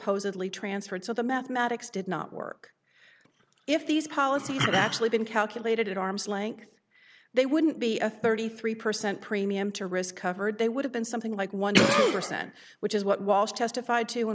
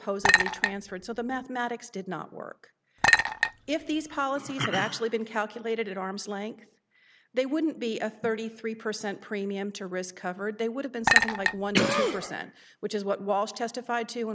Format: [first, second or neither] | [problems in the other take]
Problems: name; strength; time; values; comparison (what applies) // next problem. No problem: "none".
first | background sound (Chink, clink); 4 dB above the speech